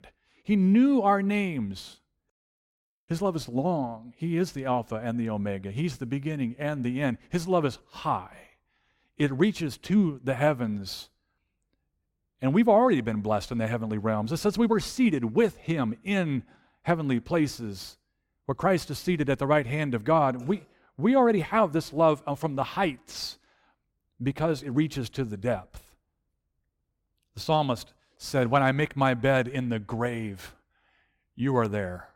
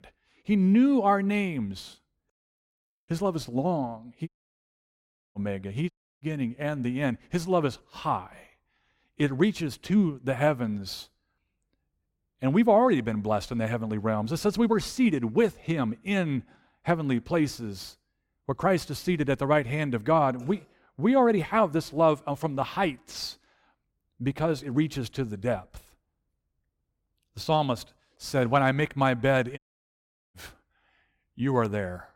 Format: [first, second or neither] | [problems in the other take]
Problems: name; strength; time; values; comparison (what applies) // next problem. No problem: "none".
first | audio cutting out; at 4.5 s for 1 s, at 6 s and at 30 s for 1 s